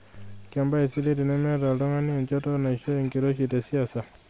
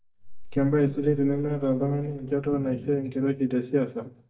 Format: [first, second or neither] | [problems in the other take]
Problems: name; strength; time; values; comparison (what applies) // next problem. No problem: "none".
first | noise reduction (neural mask model DeepFilterNet 3)